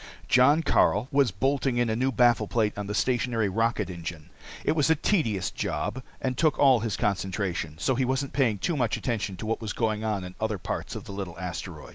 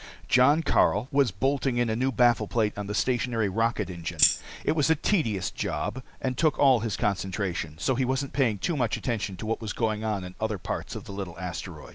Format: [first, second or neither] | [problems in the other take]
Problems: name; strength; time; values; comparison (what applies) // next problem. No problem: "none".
first | background sound (Tambourine); 2 dB below the speech